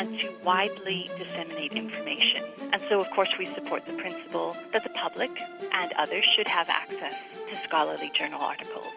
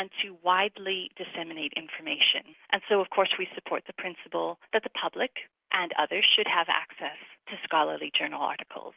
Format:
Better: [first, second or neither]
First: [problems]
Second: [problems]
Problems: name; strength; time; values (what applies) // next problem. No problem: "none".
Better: second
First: background sound (Musical instrument); 9 dB below the speech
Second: none